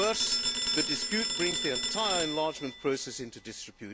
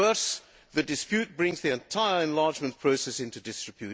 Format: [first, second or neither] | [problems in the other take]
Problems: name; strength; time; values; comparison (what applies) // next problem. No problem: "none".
second | background sound (Telephone); as loud as the speech